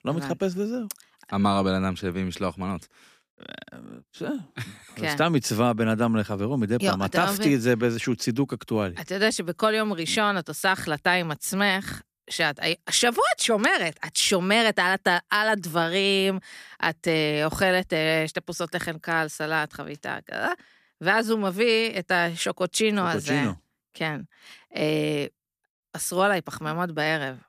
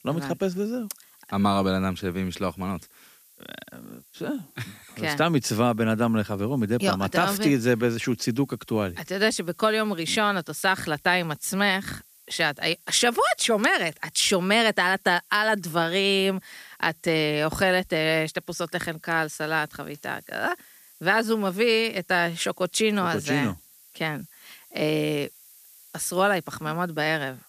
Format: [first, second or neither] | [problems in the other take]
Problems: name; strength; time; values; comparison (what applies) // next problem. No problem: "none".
first | hiss; faint; throughout; 25 dB below the speech